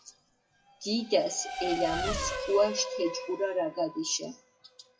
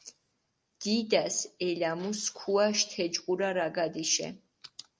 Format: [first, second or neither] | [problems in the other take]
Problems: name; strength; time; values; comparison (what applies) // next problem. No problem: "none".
second | noise reduction (classical method WPE with log-MMSE)